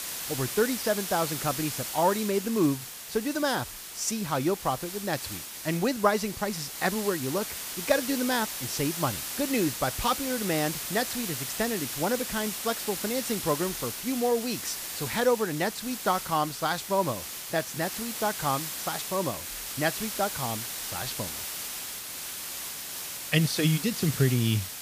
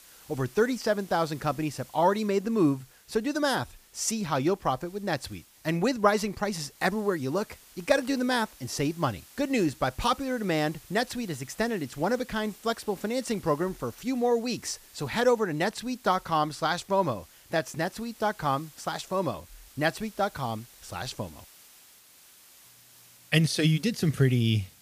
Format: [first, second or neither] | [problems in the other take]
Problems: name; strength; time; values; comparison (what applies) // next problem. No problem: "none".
second | hiss; loud; throughout; 4 dB below the speech; faint in the second